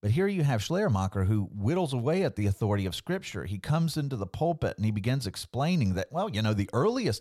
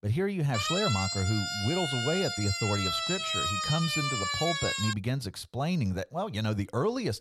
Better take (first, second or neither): first